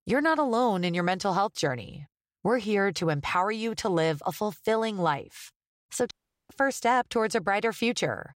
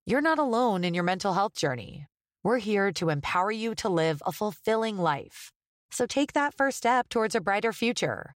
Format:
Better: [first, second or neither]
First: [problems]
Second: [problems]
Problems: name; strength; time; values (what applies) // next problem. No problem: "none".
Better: second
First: audio cutting out; at 6 s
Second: none